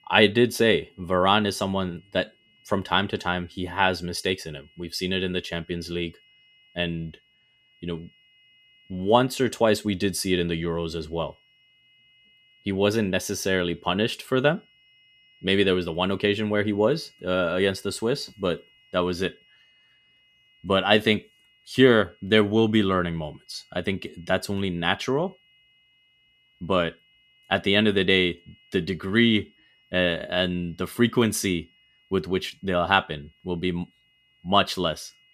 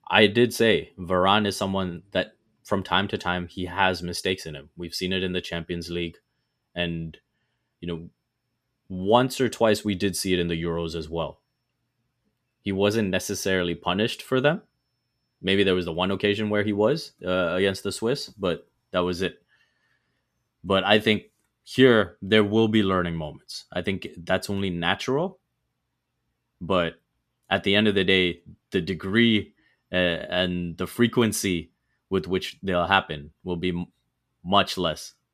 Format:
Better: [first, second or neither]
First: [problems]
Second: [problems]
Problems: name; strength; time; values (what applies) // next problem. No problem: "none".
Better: second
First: high-pitched whine; faint; throughout; 3 kHz, 35 dB below the speech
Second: none